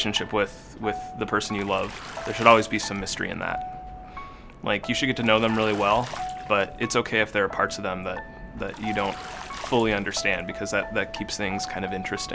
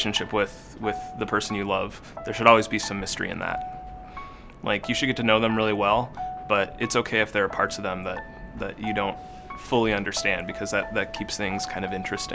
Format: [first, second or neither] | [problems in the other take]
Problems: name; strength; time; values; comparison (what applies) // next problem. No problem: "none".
second | background sound (Bathtub (filling or washing)); 17 dB below the speech